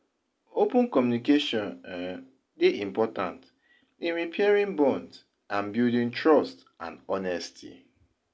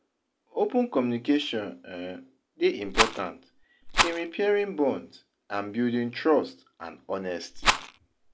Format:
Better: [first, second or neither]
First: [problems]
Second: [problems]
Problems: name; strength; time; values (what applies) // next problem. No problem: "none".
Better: first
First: none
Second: background sound (Rattle); 1 dB above the speech